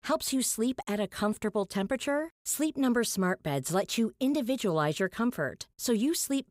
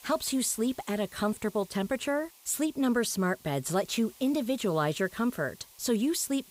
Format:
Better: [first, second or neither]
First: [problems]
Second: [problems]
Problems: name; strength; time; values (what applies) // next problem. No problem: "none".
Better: first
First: none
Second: hiss; faint; throughout; 20 dB below the speech